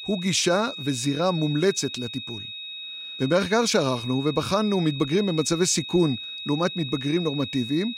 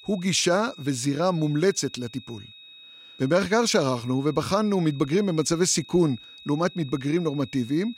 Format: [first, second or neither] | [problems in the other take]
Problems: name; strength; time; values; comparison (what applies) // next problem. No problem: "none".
second | high-pitched whine; loud; throughout; 4 kHz, 9 dB below the speech; faint in the second